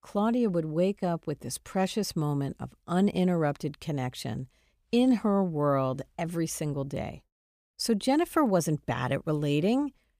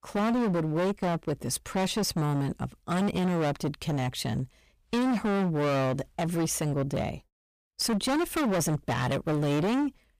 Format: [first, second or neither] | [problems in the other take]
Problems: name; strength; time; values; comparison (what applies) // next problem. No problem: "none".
first | distortion; heavy; 25% of the sound clipped